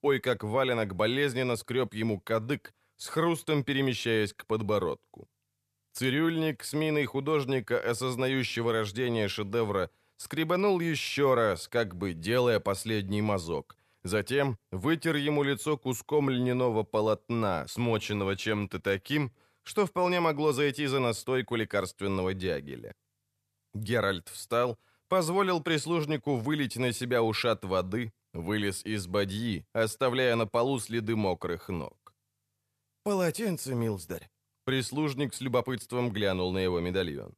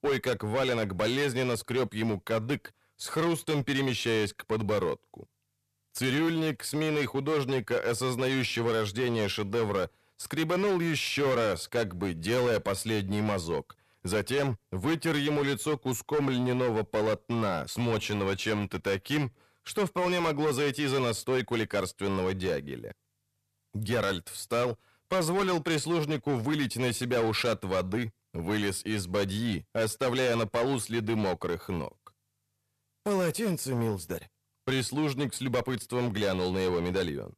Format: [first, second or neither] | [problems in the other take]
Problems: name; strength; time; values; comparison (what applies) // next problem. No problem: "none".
first | distortion; slight; 13% of the sound clipped